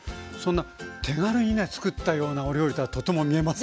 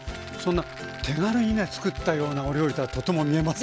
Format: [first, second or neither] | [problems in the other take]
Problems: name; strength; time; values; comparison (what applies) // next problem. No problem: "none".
first | background sound (Rattle + Bowed string instrument); 15 dB below the speech